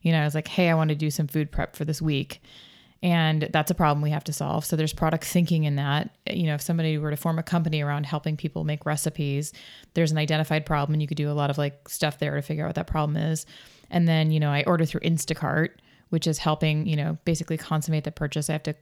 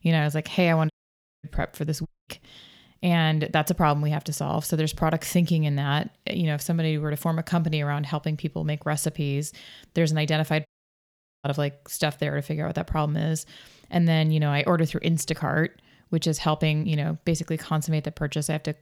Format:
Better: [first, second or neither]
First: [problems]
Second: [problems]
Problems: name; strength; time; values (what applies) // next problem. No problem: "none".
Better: first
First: none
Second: audio cutting out; at 1 s for 0.5 s, at 2 s and at 11 s for 1 s